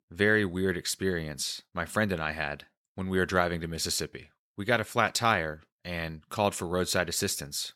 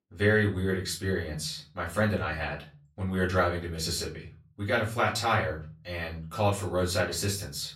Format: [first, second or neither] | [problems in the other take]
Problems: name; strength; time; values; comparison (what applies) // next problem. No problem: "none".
first | off-mic speech; far // room echo; slight; dies away in 0.5 s